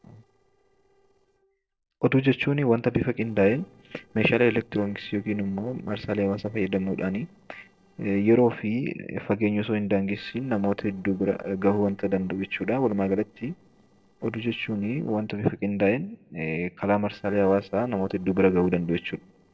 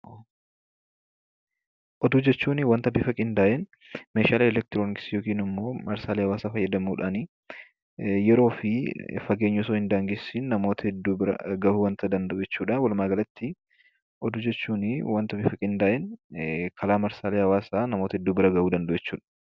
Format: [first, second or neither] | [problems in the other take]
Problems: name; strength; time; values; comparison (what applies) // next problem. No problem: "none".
second | noise reduction (neural separator model SepFormer DNS4)